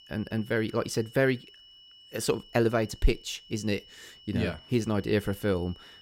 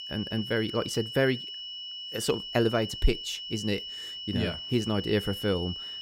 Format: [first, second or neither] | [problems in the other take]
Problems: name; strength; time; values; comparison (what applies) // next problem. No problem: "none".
first | high-pitched whine; loud; throughout; 3 kHz, 7 dB below the speech; faint in the first